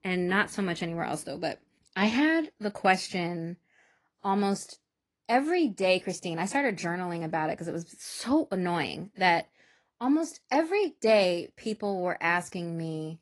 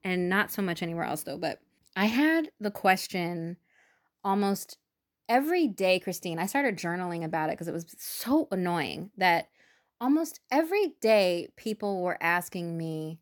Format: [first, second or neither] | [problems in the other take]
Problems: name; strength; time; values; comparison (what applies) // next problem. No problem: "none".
second | garbled, watery; slightly; nothing above 11.5 kHz